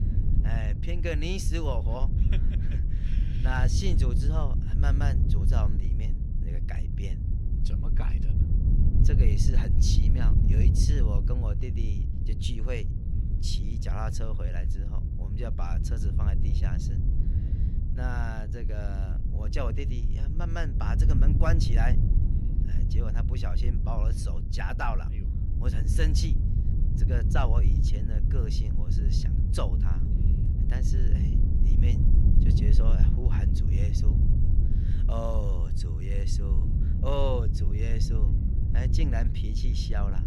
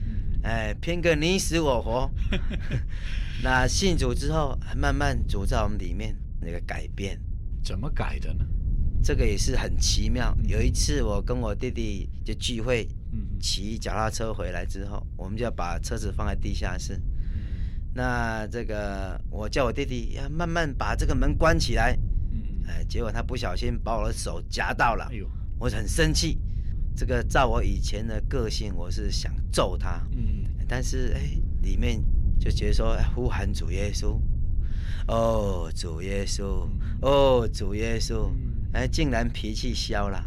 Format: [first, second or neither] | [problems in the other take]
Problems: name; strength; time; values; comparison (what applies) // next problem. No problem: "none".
second | wind noise on the microphone; heavy; 4 dB below the speech; occasional gusts in the second